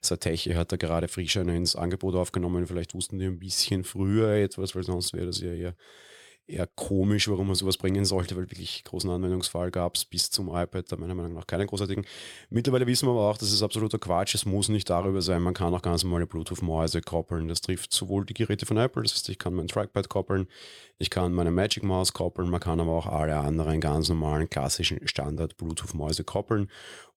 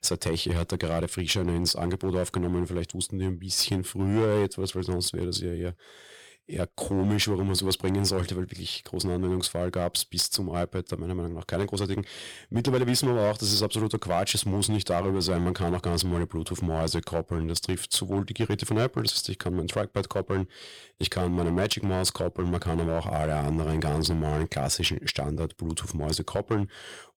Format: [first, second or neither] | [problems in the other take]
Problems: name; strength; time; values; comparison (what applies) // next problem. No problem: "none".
first | distortion; slight; 5% of the sound clipped